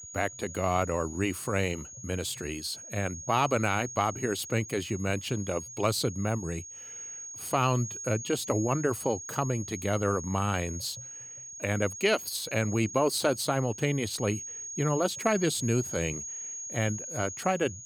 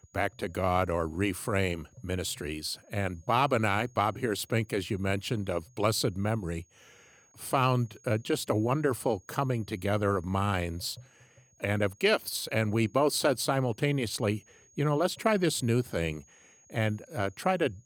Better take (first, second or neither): second